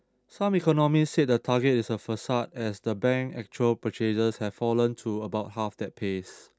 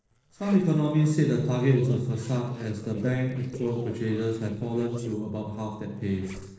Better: first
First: none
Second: noise reduction (neural separator model SepFormer DNS4)

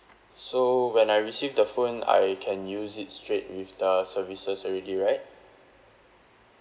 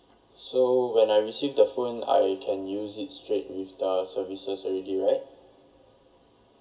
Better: first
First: none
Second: room echo; dies away in 0.2 s

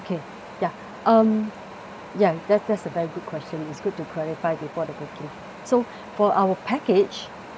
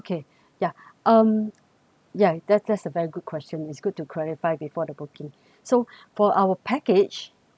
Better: second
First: background sound (Wind); 15 dB below the speech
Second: none

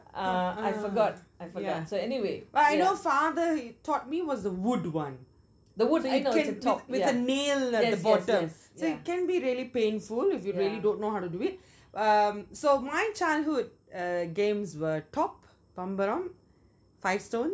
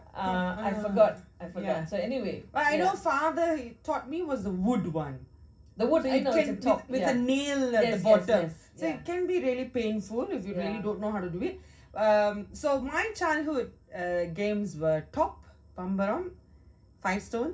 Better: first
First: none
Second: room echo; dies away in 0.4 s

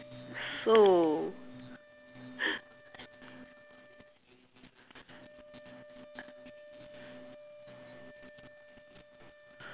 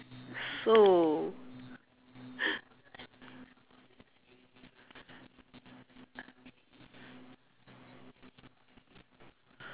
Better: second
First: background sound (Wind instrument, woodwind instrument); 20 dB below the speech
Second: none

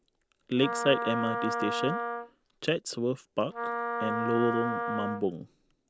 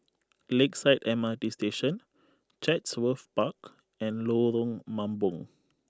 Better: second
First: background sound (Wind instrument, woodwind instrument); 3 dB below the speech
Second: none

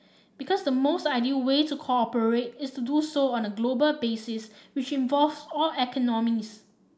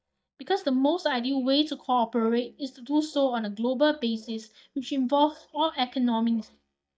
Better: first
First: none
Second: noise reduction (neural mask model DeepFilterNet 3)

